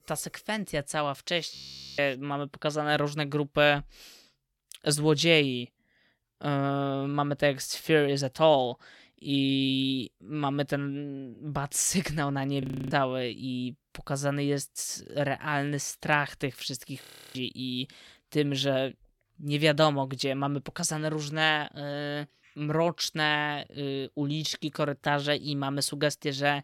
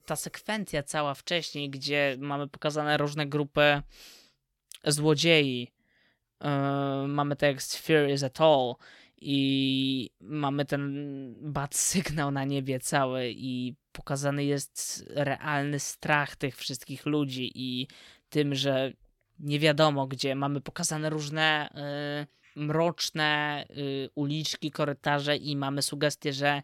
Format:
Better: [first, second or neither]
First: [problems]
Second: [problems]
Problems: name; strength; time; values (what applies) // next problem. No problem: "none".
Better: second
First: audio freezing; at 1.5 s, at 13 s and at 17 s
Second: none